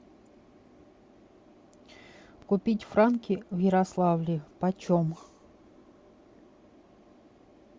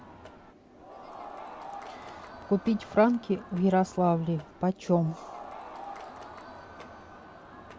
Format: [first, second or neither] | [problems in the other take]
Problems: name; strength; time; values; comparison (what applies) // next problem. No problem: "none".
first | background sound (Crowd); 15 dB below the speech